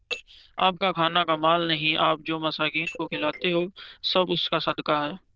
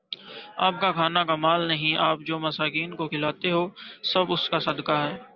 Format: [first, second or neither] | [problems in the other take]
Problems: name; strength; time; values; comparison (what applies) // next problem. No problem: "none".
second | noise reduction (neural diffusion model UNIVERSE++)